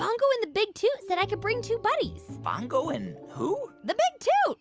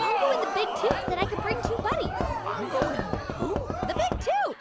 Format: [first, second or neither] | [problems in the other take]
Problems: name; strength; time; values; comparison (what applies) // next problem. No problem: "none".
first | background sound (Crowd + Knock); as loud as the speech